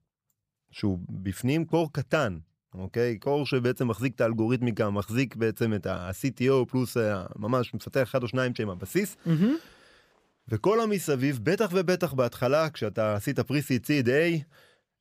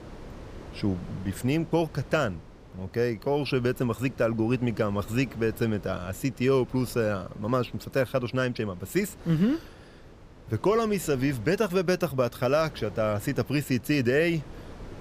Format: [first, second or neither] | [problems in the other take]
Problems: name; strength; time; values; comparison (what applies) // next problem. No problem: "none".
first | wind noise on the microphone; occasional gusts; 20 dB below the speech